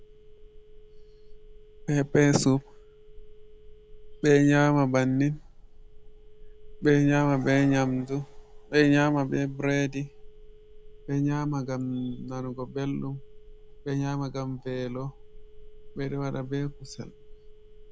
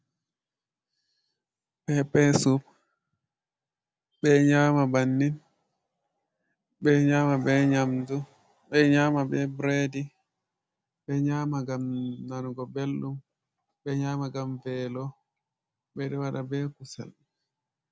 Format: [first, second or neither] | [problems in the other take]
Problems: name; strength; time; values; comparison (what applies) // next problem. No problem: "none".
second | background sound (Telephone); 17 dB below the speech